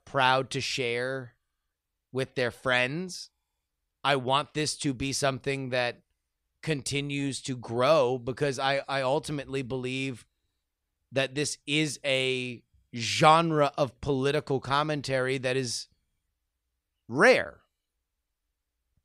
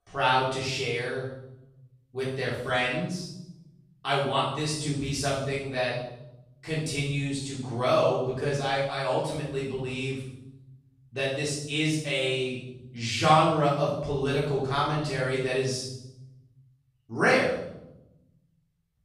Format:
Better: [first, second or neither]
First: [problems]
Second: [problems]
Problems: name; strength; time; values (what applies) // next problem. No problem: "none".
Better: first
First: none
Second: room echo; noticeable; dies away in 0.9 s // off-mic speech; far